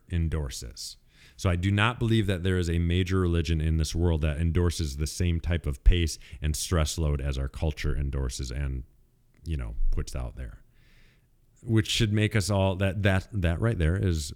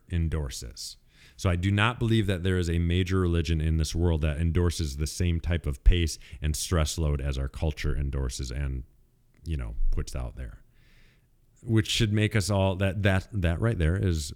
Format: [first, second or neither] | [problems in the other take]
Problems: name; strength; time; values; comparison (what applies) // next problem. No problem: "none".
neither | none